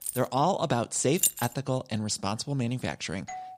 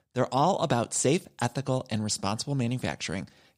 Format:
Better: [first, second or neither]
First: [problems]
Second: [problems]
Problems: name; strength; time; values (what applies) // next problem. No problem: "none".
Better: second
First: jangling keys; noticeable; at the start; peak 7 dB below the speech // jangling keys; loud; at 1 s; peak 3 dB above the speech // doorbell; faint; at 3.5 s; peak 10 dB below the speech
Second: none